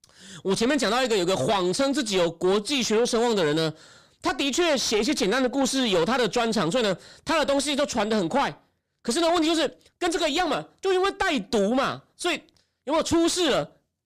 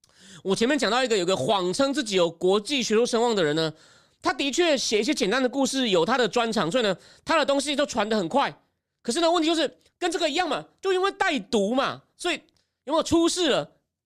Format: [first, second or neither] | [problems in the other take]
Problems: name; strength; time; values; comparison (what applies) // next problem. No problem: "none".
second | distortion; slight; 10 dB below the speech